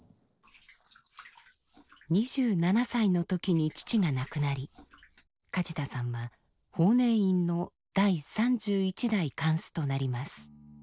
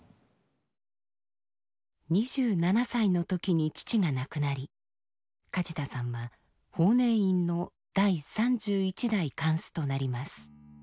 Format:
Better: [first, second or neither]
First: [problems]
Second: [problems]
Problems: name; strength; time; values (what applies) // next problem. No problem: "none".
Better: second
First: noise reduction (neural separator model SepFormer DNS4)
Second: none